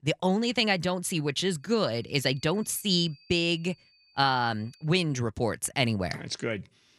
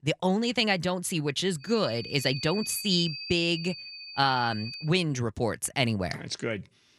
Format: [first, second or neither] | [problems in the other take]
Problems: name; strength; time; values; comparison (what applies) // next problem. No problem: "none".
first | high-pitched whine; loud; from 1.5 to 5 s; 4.5 kHz, 10 dB below the speech; faint in the first